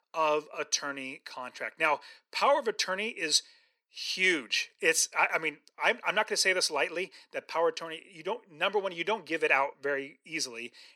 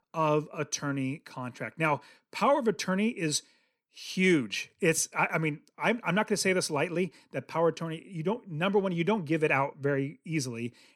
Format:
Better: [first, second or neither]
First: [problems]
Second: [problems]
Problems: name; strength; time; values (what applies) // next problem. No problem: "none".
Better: second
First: thin; very; fading below 550 Hz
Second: none